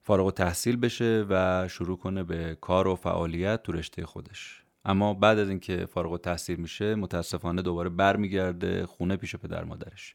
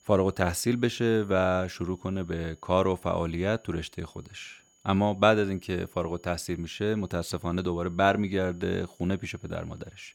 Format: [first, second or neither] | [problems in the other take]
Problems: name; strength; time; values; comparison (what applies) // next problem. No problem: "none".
first | high-pitched whine; faint; throughout; 7 kHz, 35 dB below the speech